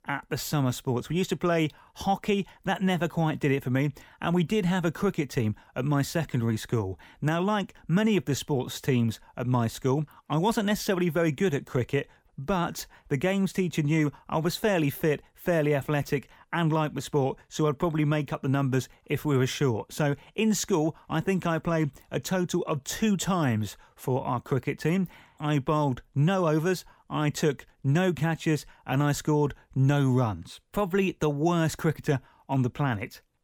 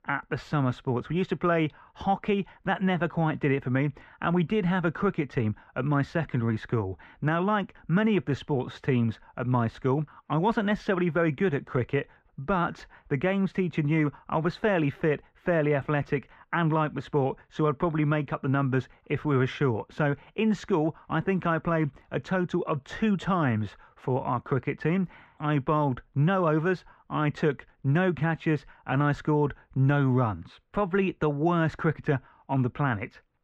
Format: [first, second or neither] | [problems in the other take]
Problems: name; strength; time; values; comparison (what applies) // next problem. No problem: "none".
first | muffled; very; fading above 2 kHz